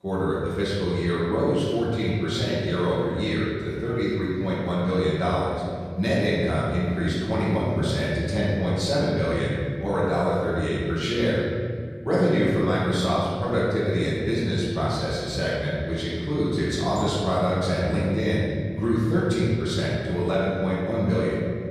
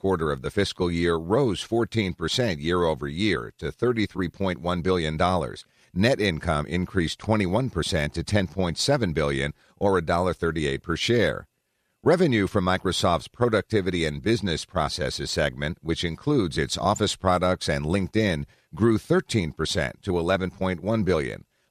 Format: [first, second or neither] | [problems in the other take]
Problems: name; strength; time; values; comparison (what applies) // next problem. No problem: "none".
second | room echo; strong; dies away in 2.5 s // off-mic speech; far